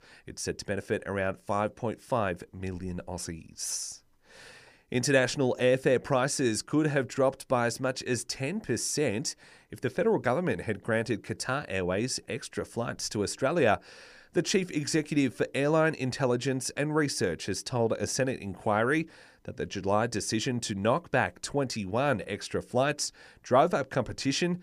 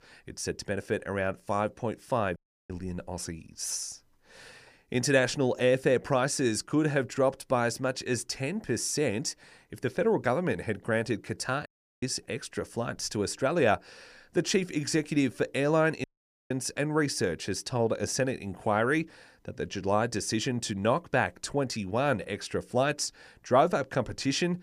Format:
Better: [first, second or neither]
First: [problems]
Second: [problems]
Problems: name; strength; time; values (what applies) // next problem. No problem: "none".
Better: first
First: none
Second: audio cutting out; at 2.5 s, at 12 s and at 16 s